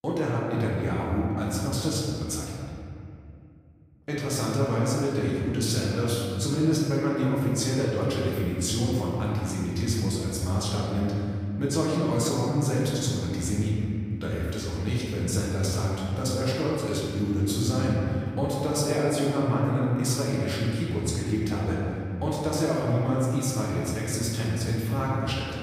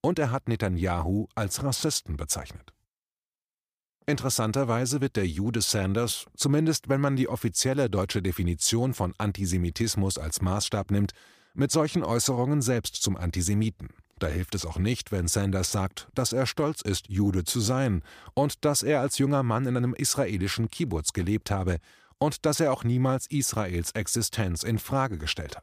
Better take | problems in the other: second | room echo; strong; dies away in 2.5 s // off-mic speech; far

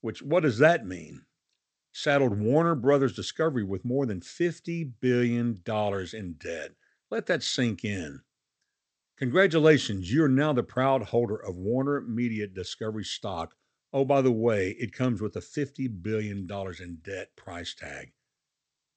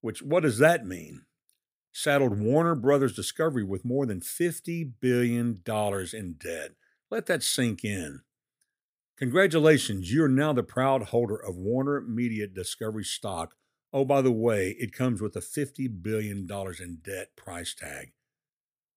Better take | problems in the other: second | garbled, watery; slightly; nothing above 8 kHz

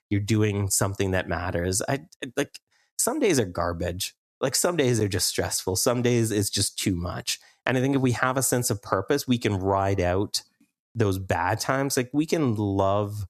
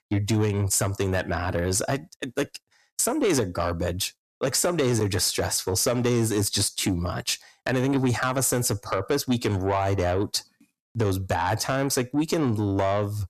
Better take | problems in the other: first | distortion; slight; 10 dB below the speech

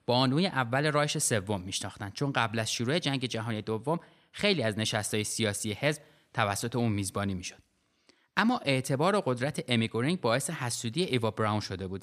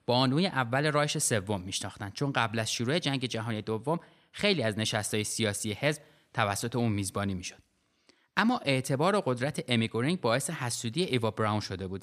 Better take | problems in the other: neither | none

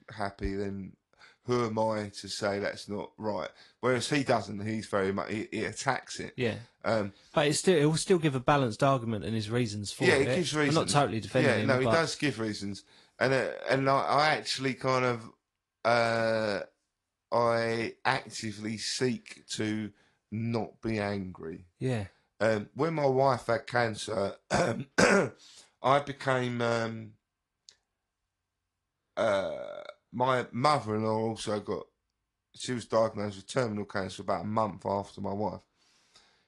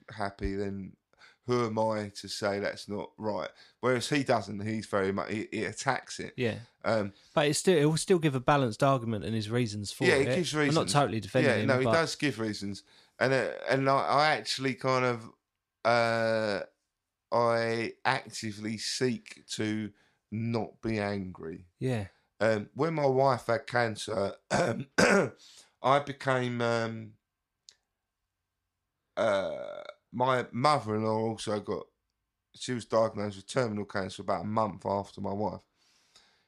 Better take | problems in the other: second | garbled, watery; slightly; nothing above 11 kHz

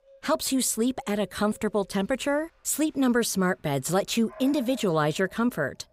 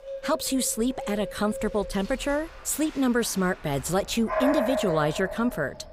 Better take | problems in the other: first | animal sounds; loud; throughout; 6 dB below the speech; faint in the first

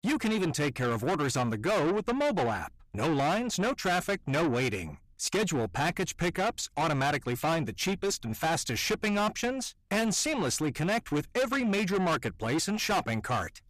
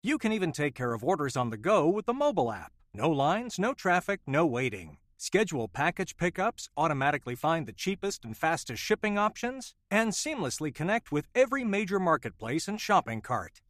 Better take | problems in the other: second | distortion; heavy; 6 dB below the speech

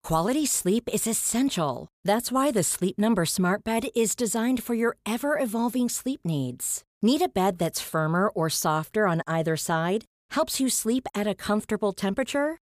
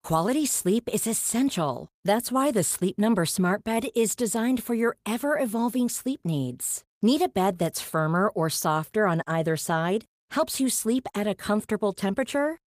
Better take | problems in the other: first | garbled, watery; slightly; nothing above 15 kHz

